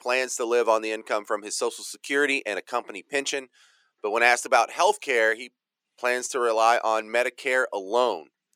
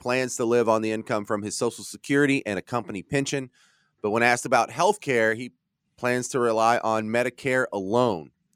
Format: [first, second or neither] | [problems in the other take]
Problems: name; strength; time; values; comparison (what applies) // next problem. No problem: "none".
second | thin; somewhat; fading below 400 Hz